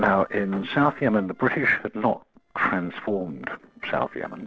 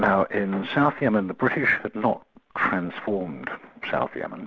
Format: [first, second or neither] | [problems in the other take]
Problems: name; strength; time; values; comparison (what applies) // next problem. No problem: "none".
second | noise reduction (neural separator model SepFormer DNS4)